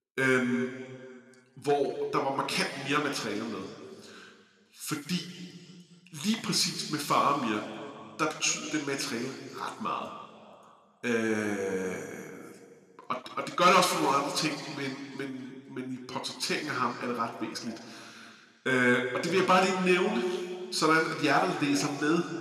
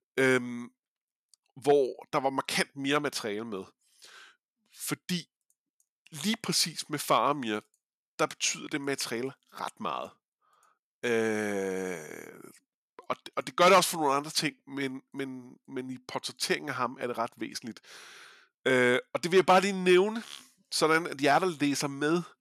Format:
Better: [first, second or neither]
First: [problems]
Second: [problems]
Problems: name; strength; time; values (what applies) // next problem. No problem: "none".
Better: second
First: room echo; slight; dies away in 2.1 s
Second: none